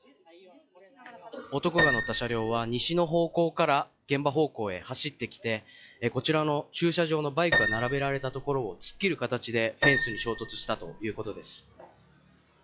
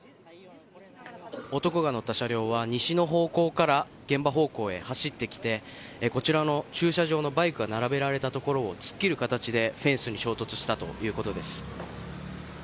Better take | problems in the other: second | noise reduction (classical method log-MMSE)

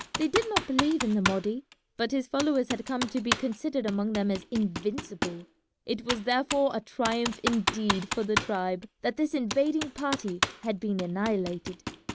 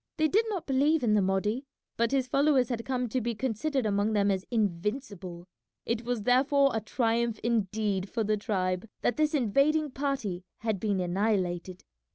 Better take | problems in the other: second | background sound (Computer keyboard); 6 dB below the speech

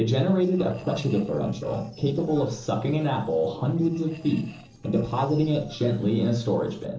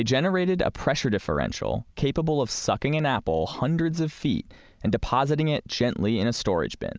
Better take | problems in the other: second | noise reduction (neural separator model SepFormer DNS4)

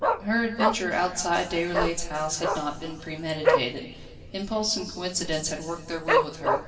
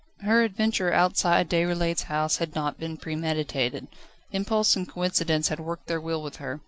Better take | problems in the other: second | background sound (Dog); as loud as the speech // room echo; dies away in 2.2 s

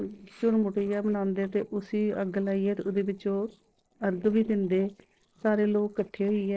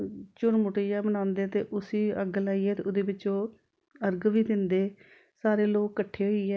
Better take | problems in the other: second | noise reduction (neural separator model SepFormer DNS4)

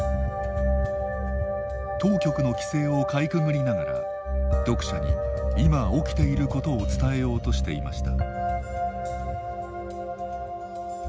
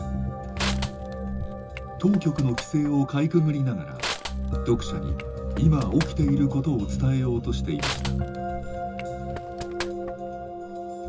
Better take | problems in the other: first | background sound (Crushing); 12 dB below the speech // room echo; dies away in 0.2 s

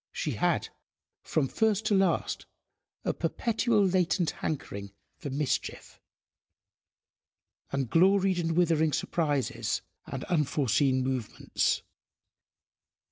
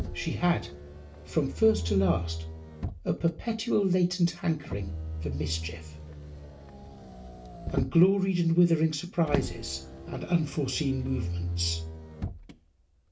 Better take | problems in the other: first | background sound (Motor vehicle (road)); 7 dB below the speech // room echo; dies away in 0.3 s

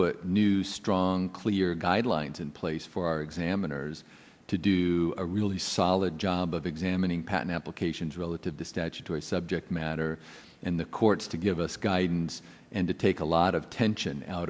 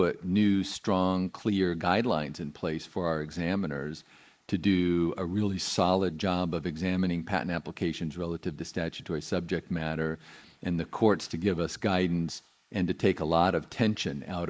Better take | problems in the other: first | noise reduction (neural mask model Resemble Enhance denoiser)

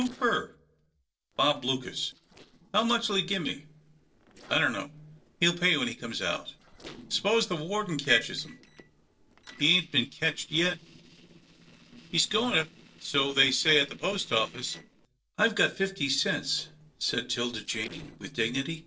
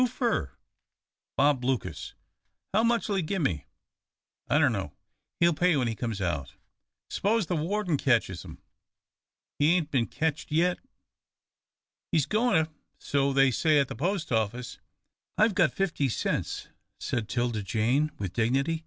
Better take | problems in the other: second | noise reduction (neural separator model SepFormer DNS4)

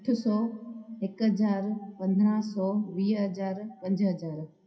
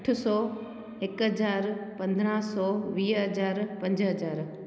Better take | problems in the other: second | noise reduction (classical method WPE with log-MMSE)

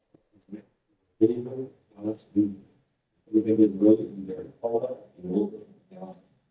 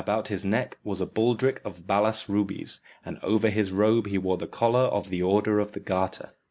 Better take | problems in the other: second | noise reduction (neural mask model DeepFilterNet 3)

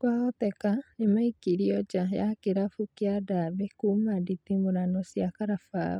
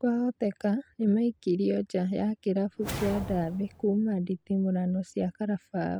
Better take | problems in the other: first | background sound (Whoosh, swoosh, swish); 12 dB below the speech

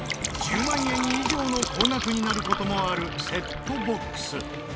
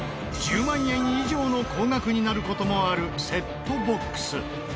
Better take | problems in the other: second | background sound (Fill (with liquid)); 4 dB below the speech

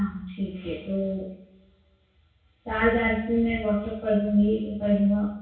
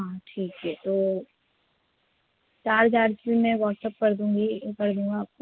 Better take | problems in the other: second | room echo; dies away in 0.6 s

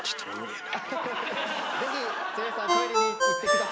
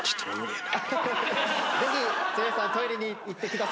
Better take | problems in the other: second | background sound (Ringtone); 1 dB above the speech

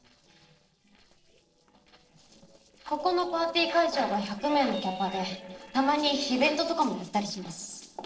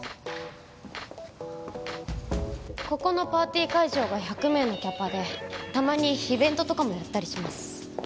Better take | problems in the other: second | noise reduction (neural separator model SepFormer DNS4)

